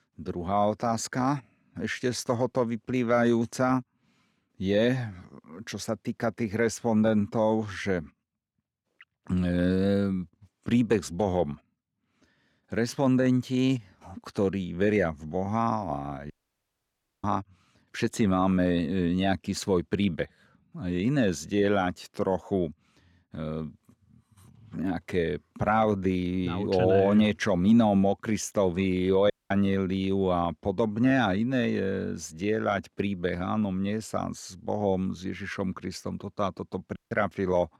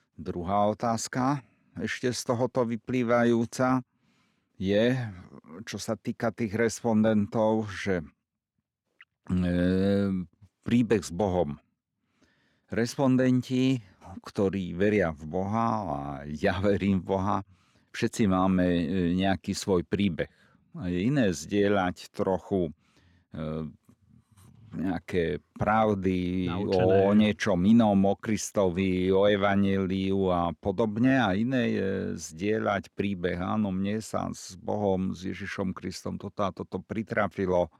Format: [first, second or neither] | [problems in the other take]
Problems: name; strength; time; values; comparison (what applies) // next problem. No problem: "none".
second | audio cutting out; at 16 s for 1 s, at 29 s and at 37 s